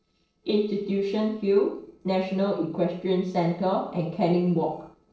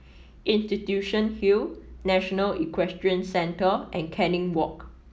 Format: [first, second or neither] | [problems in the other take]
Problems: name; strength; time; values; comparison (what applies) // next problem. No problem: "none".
second | noise reduction (neural separator model SepFormer DNS4)